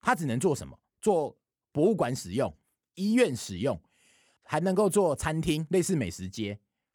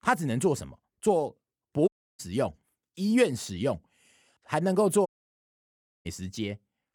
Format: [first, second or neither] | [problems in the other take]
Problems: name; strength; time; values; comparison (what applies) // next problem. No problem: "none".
first | audio cutting out; at 2 s and at 5 s for 1 s